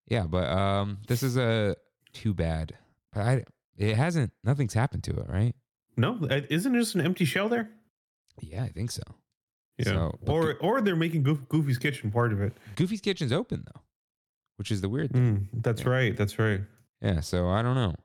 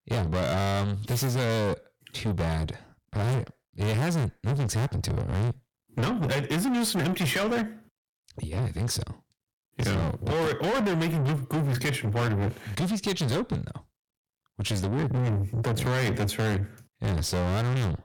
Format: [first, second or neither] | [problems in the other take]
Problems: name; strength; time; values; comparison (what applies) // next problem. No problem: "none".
first | distortion; heavy; 6 dB below the speech